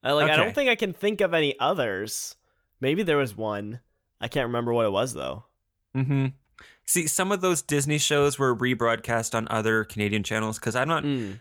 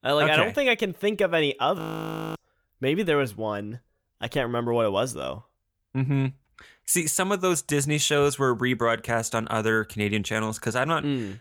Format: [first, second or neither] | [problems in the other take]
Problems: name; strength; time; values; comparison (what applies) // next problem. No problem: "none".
first | audio freezing; at 2 s for 0.5 s